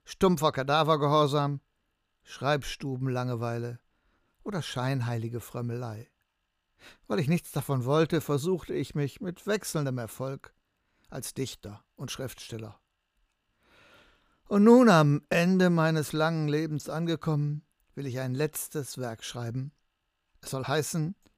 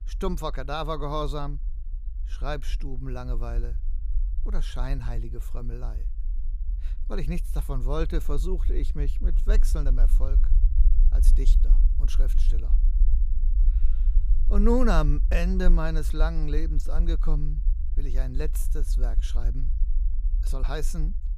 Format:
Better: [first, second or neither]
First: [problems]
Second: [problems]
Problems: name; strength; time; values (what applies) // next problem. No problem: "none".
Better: first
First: none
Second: low rumble; noticeable; throughout; 20 dB below the speech